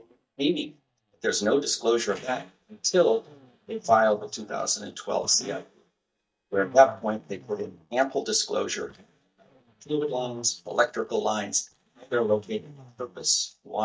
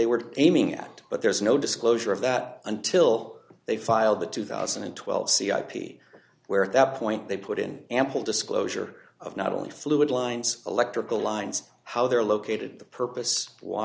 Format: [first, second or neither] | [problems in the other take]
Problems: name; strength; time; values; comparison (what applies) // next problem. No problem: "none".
second | noise reduction (neural mask model DeepFilterNet 3)